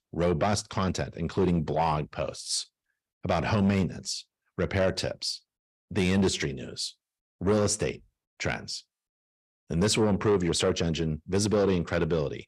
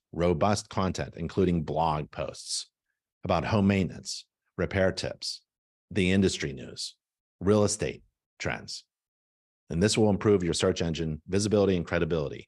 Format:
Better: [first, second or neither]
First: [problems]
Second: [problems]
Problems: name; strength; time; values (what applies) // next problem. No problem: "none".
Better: second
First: distortion; slight; 10 dB below the speech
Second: none